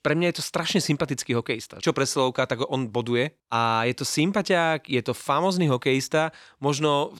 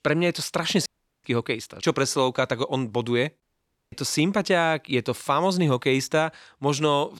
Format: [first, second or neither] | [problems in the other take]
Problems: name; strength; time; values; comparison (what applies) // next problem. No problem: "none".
first | audio cutting out; at 1 s and at 3.5 s for 0.5 s